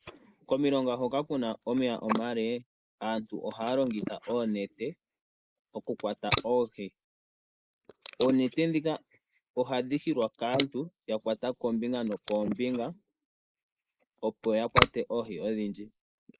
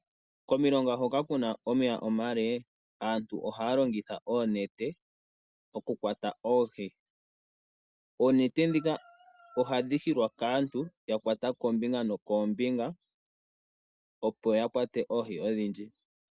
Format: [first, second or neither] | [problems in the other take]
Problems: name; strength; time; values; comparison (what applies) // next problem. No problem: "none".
second | noise reduction (neural mask model Resemble Enhance denoiser)